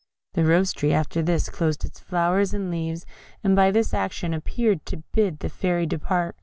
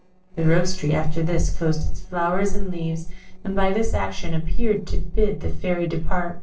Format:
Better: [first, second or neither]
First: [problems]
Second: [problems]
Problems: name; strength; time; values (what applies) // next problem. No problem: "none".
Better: first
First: none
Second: noise reduction (neural separator model SepFormer DNS4)